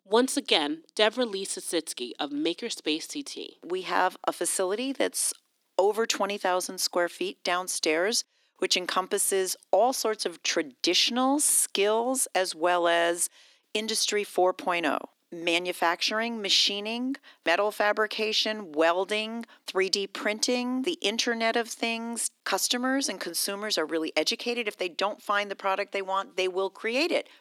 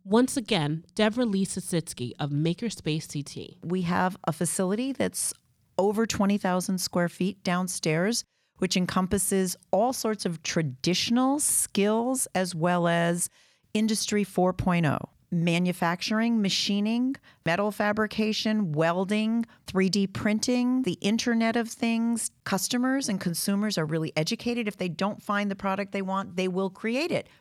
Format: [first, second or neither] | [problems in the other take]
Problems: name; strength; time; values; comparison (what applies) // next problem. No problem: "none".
second | thin; somewhat; fading below 300 Hz